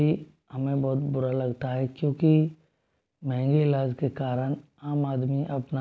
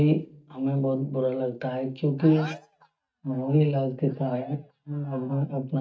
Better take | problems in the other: first | noise reduction (neural mask model DeepFilterNet 3)

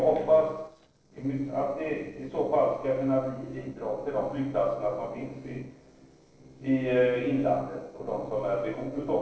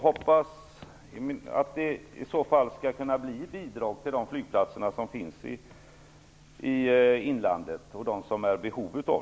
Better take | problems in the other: second | noise reduction (neural separator model SepFormer DNS4)

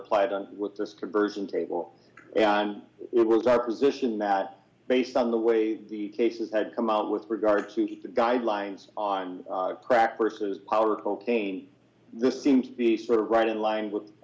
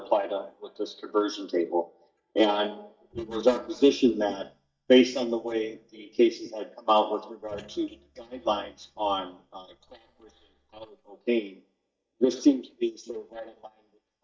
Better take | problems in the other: first | noise reduction (neural mask model DeepFilterNet 3)

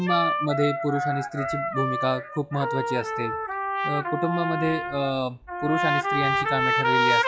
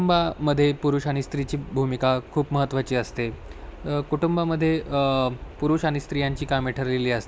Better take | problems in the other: second | noise reduction (classical method log-MMSE)

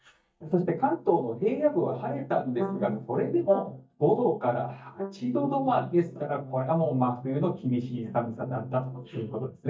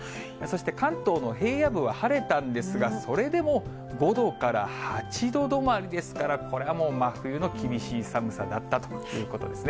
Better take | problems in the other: second | noise reduction (neural mask model DeepFilterNet 3)

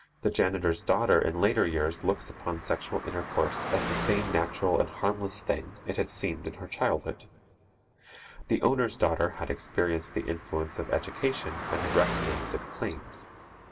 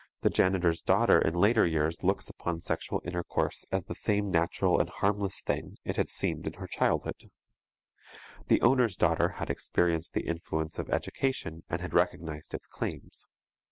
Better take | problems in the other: second | background sound (Car passing by); 10 dB below the speech // room echo; dies away in 0.1 s

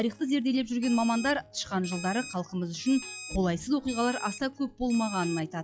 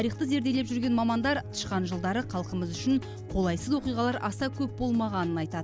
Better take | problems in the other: second | noise reduction (classical method log-MMSE)

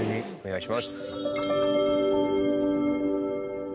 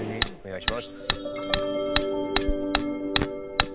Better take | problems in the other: first | background sound (Hammer); as loud as the speech

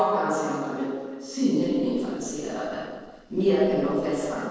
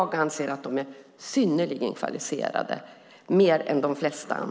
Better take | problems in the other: second | noise reduction (neural separator model SepFormer DNS4)

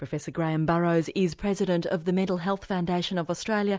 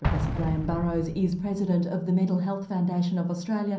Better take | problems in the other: first | background sound (Explosion); 8 dB below the speech // room echo; dies away in 0.6 s

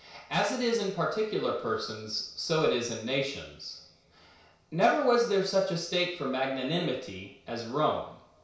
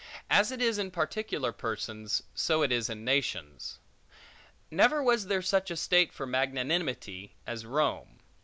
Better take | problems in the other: second | room echo; dies away in 0.6 s

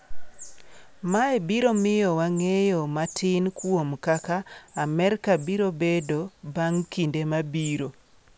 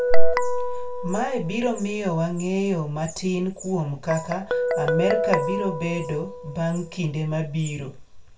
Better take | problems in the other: first | background sound (Guitar); 8 dB below the speech // room echo; dies away in 0.3 s

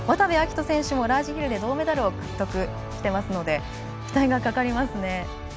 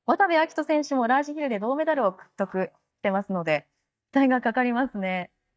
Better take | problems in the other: first | noise reduction (neural mask model DeepFilterNet 3)

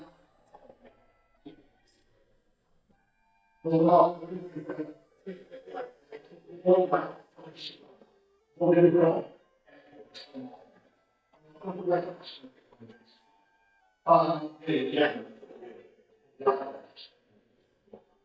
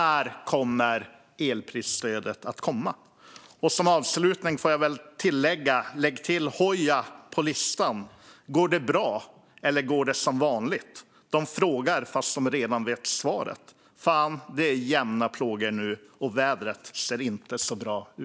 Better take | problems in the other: second | noise reduction (neural mask model DeepFilterNet 3)

